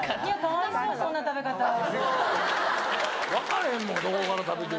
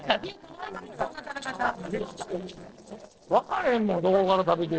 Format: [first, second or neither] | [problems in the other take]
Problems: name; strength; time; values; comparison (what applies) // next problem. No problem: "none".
first | noise reduction (neural separator model SepFormer DNS4)